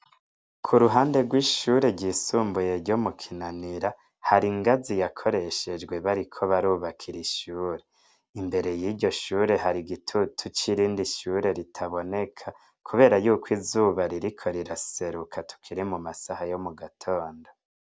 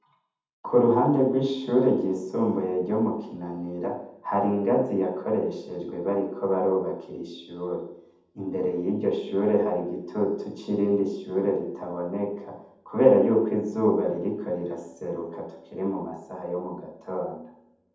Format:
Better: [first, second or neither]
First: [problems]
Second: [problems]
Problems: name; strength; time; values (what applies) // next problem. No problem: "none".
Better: first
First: none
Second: room echo; dies away in 0.8 s